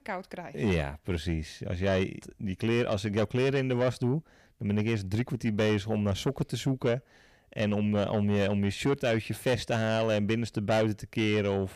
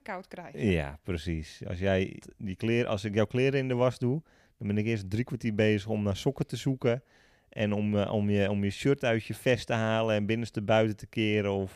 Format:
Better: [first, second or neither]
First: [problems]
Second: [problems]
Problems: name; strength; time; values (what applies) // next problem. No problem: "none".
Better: second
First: distortion; slight; 10 dB below the speech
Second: none